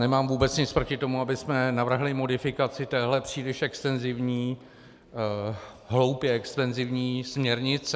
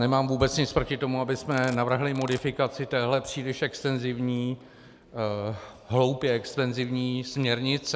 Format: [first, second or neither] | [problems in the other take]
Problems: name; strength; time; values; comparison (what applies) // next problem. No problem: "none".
first | background sound (Domestic sounds, home sounds); 18 dB below the speech